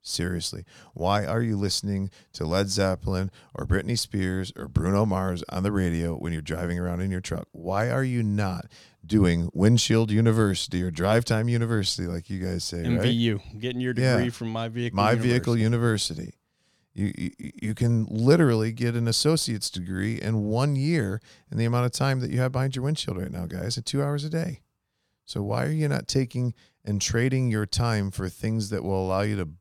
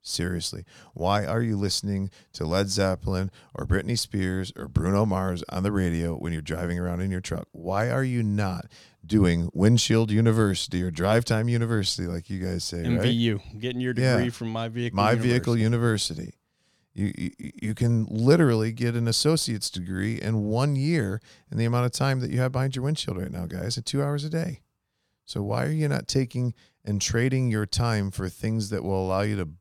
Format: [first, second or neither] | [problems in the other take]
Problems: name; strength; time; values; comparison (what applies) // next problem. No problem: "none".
neither | none